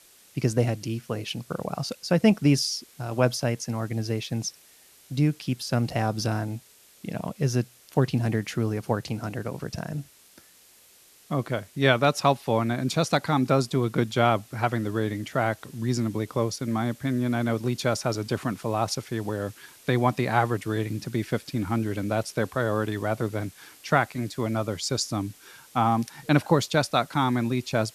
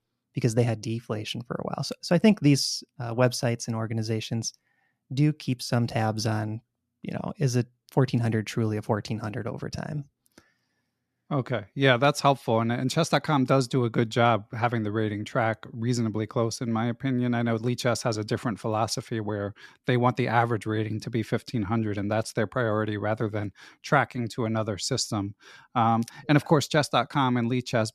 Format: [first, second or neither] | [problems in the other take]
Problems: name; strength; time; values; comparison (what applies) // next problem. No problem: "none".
second | hiss; faint; throughout; 25 dB below the speech